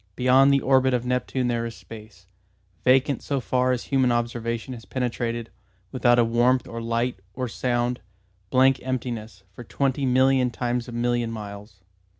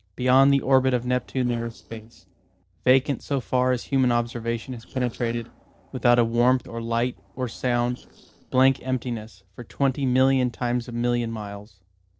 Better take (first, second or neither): first